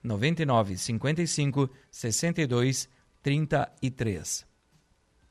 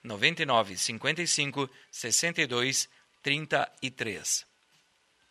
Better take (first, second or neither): first